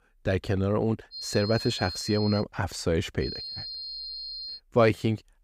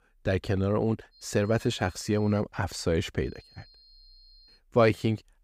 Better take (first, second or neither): second